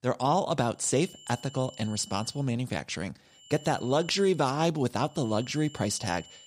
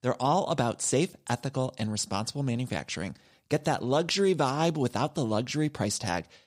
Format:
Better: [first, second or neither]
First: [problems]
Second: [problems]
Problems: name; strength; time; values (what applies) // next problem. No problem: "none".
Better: second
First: high-pitched whine; faint; from 1 to 2.5 s, at 3.5 s and from 5 s on; 3 kHz, 20 dB below the speech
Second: none